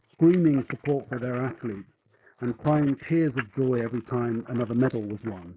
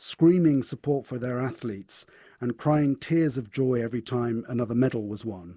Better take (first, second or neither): second